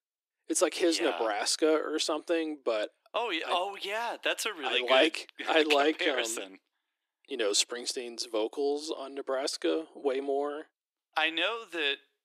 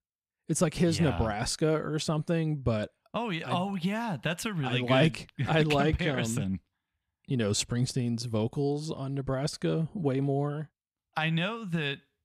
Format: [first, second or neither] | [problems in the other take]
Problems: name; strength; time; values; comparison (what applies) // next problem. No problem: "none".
second | thin; very; fading below 300 Hz